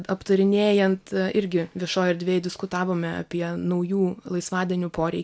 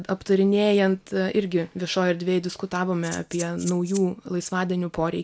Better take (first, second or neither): first